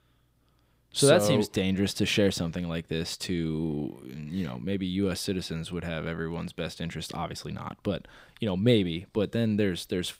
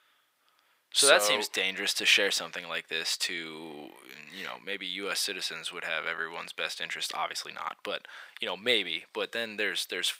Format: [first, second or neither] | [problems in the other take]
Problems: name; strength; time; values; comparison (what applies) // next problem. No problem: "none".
first | thin; very; fading below 800 Hz